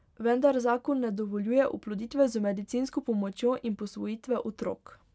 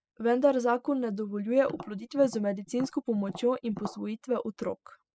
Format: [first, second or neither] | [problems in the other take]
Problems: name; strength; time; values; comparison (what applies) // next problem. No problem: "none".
first | noise reduction (classical method spectral subtraction)